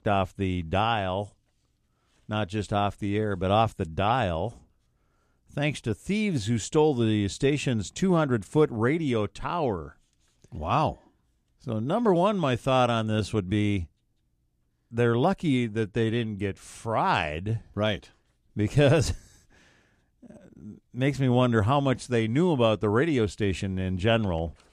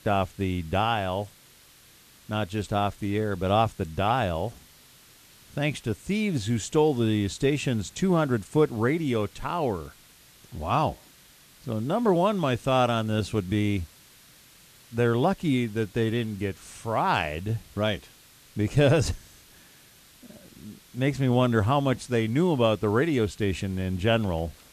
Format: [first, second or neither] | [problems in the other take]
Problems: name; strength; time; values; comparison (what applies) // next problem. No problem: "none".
first | hiss; faint; throughout; 25 dB below the speech